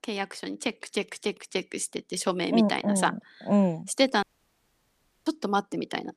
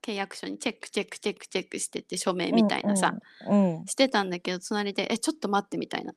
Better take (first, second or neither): second